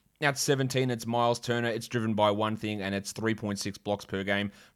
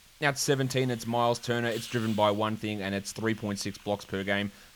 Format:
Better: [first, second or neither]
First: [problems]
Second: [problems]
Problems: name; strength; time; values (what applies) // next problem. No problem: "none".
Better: first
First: none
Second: hiss; noticeable; throughout; 20 dB below the speech